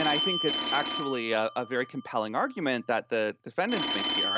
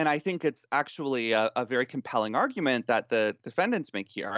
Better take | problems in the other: second | background sound (Telephone); 3 dB below the speech

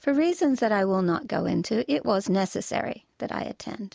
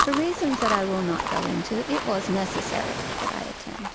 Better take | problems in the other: first | background sound (Chewing, mastication + Ocean); 2 dB below the speech

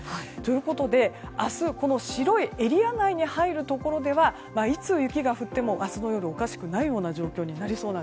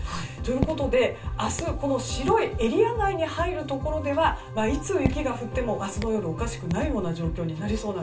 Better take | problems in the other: first | background sound (Raindrop / Drip); 10 dB below the speech // room echo; dies away in 0.2 s

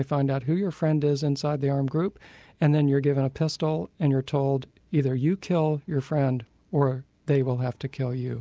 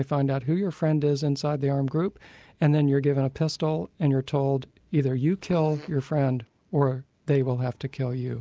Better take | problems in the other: first | noise reduction (neural mask model Resemble Enhance denoiser)

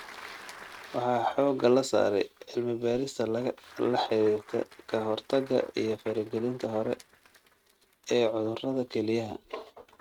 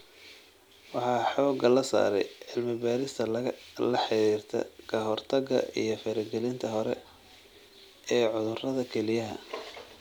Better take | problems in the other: second | noise reduction (neural mask model RNNoise)

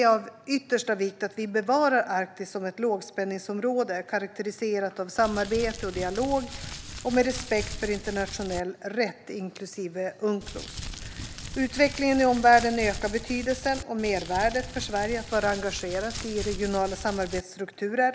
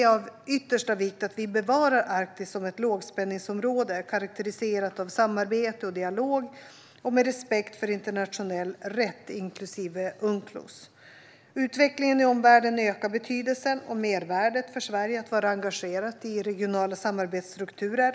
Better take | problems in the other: second | background sound (Crumpling, crinkling); 10 dB below the speech

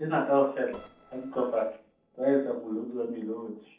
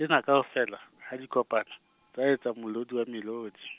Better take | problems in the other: second | noise reduction (neural separator model SepFormer DNS4)

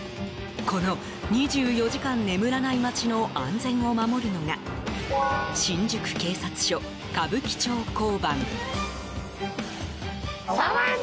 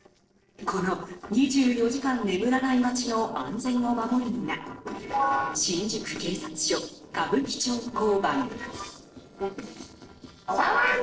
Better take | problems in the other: first | noise reduction (neural separator model SepFormer DNS4)

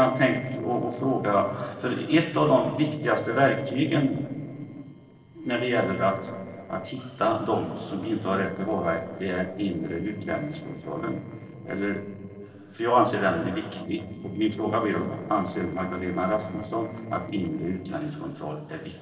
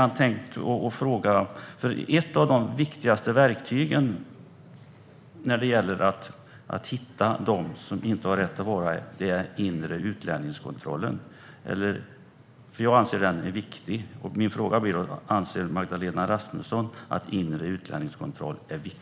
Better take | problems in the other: second | noise reduction (neural separator model SepFormer DNS4)

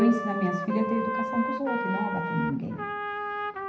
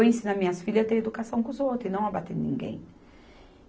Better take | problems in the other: second | background sound (Trumpet); 3 dB below the speech // room echo; dies away in 0.9 s

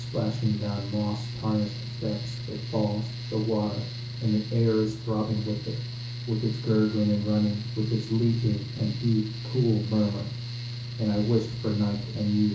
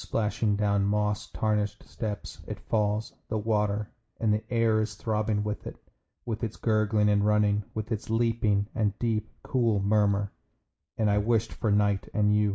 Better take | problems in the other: second | background sound (Mechanical fan); 7 dB below the speech // room echo; dies away in 0.7 s

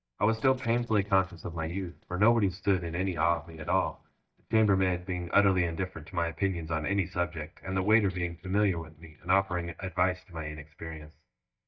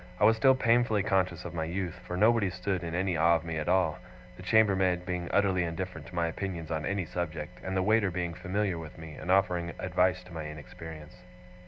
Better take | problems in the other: second | noise reduction (neural mask model DeepFilterNet 3)

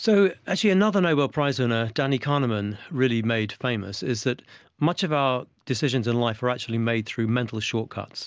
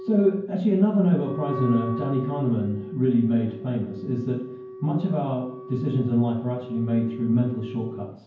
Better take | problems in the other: first | background sound (Wind instrument, woodwind instrument); 13 dB below the speech // room echo; dies away in 0.9 s

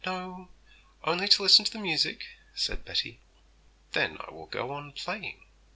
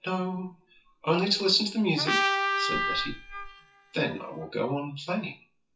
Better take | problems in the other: first | noise reduction (classical method WPE with log-MMSE)

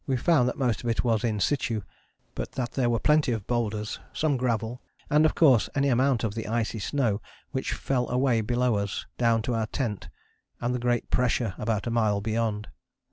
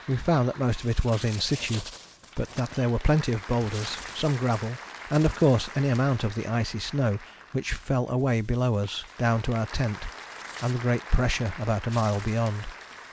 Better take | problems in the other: first | background sound (Bird + Applause / Crowd); 16 dB below the speech

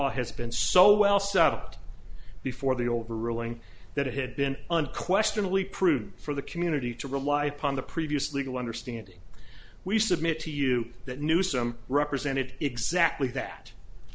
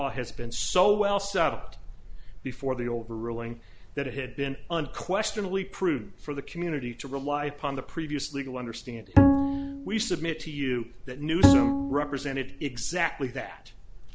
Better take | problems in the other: first | background sound (Bowed string instrument); 5 dB above the speech

